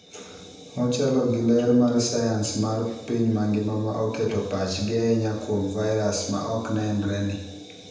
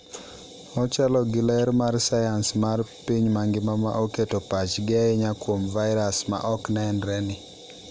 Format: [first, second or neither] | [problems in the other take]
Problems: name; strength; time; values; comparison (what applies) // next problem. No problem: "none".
second | room echo; dies away in 0.9 s